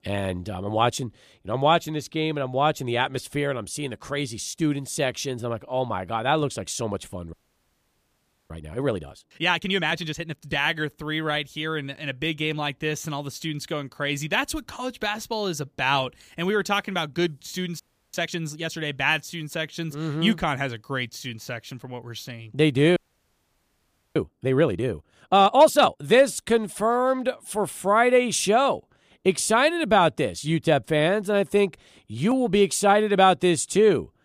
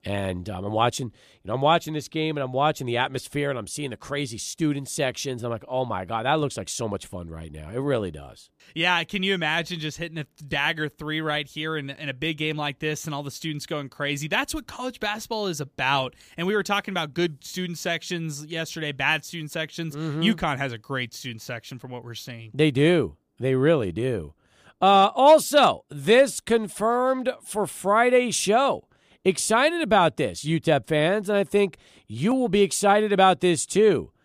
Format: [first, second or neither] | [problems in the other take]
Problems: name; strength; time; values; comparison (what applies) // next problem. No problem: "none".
second | audio freezing; at 7.5 s for 1 s, at 18 s and at 23 s for 1 s